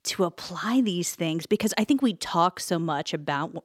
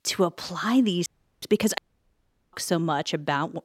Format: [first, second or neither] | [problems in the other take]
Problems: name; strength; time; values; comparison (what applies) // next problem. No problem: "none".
first | audio cutting out; at 1 s and at 2 s for 0.5 s